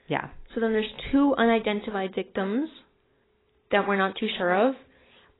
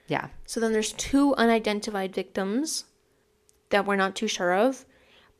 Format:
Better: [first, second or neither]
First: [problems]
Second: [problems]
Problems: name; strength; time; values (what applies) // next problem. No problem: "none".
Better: second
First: garbled, watery; badly; nothing above 4 kHz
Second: none